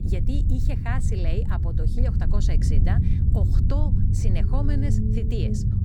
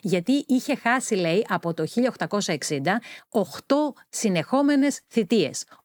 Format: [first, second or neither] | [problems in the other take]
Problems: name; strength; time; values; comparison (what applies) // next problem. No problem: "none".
second | low rumble; loud; throughout; as loud as the speech